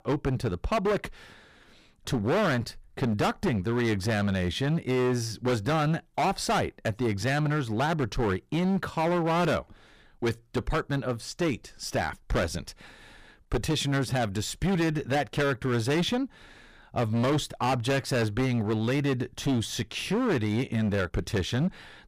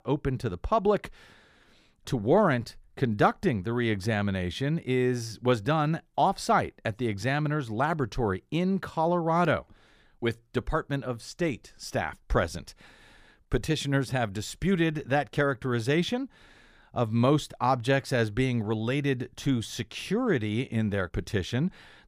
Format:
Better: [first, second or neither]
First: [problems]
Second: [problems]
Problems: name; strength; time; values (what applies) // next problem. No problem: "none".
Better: second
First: distortion; heavy; 15% of the sound clipped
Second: none